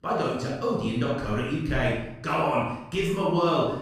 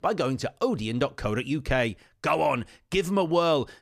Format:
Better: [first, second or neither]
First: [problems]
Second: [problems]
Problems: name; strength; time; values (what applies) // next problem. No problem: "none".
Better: second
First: off-mic speech; far // room echo; strong; dies away in 0.7 s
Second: none